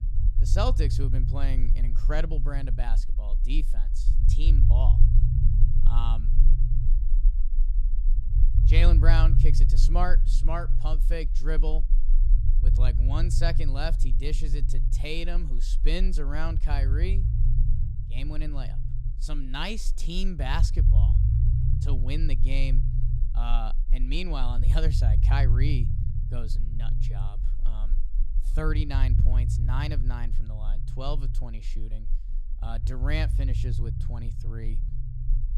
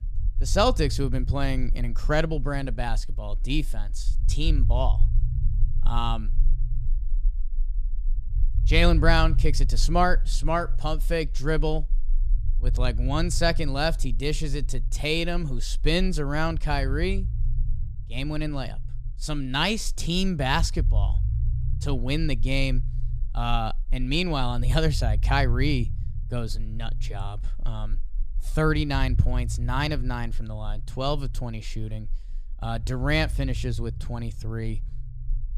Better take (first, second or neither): second